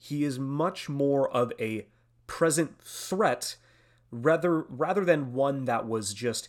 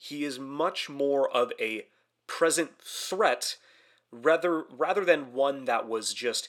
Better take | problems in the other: first | thin; somewhat; fading below 400 Hz

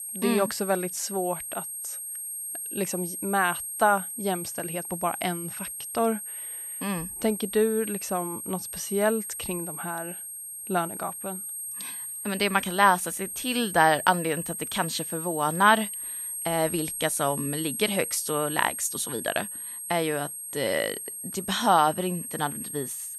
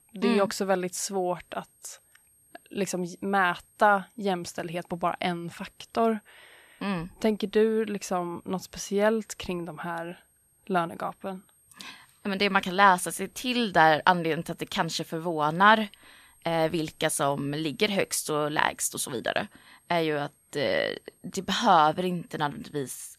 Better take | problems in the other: second | high-pitched whine; loud; throughout; 8.5 kHz, 6 dB below the speech; faint in the second

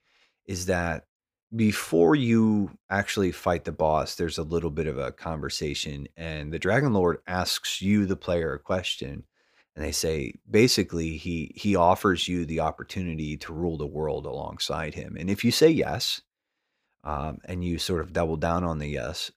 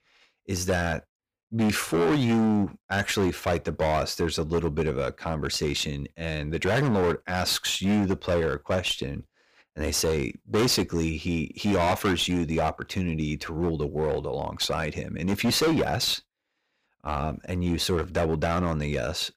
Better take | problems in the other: first | distortion; heavy; 13% of the sound clipped

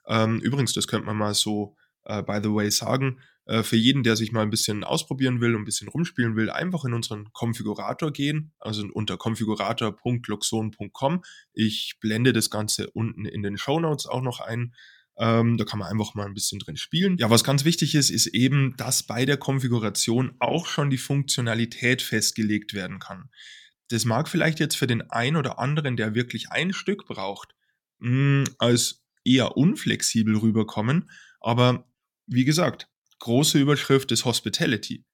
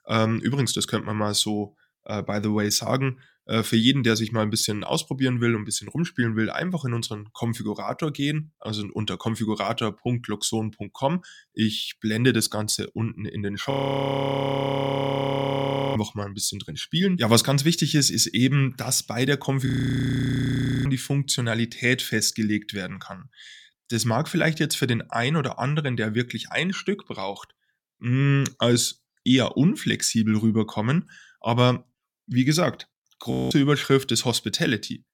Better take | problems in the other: first | audio freezing; at 14 s for 2 s, at 20 s for 1 s and at 33 s

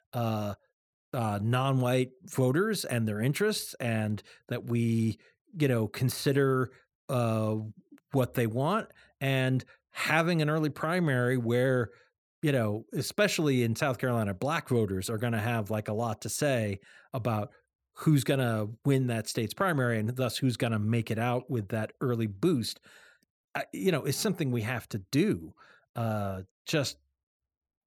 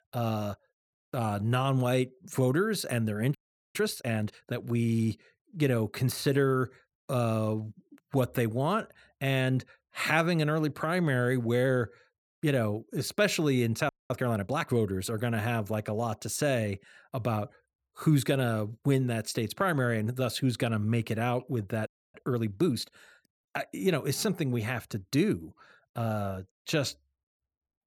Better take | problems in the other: first | audio freezing; at 3.5 s, at 14 s and at 22 s

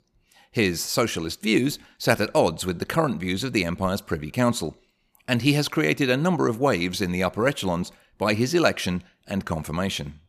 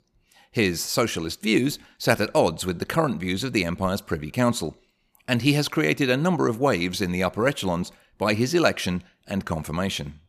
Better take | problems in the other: neither | none

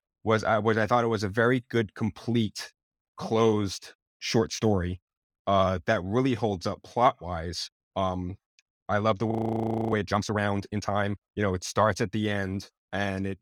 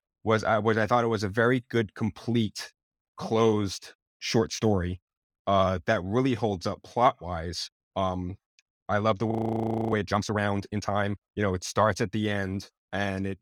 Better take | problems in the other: neither | audio freezing; at 9.5 s for 0.5 s; the same in both

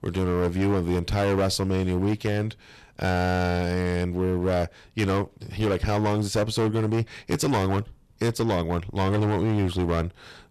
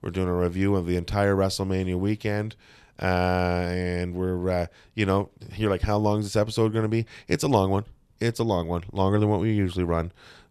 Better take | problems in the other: second | distortion; heavy; 15% of the sound clipped

